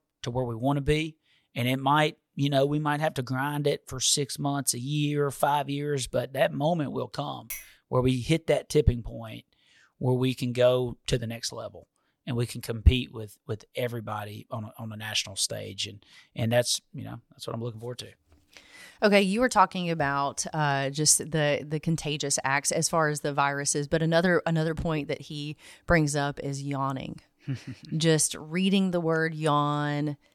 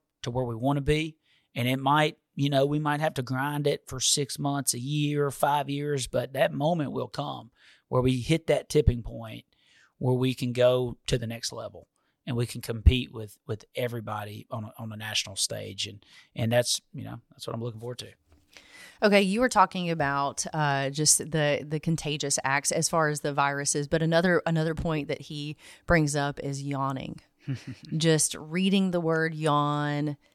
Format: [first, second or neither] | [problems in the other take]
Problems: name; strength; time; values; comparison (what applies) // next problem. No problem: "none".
second | clattering dishes; faint; at 7.5 s; peak 10 dB below the speech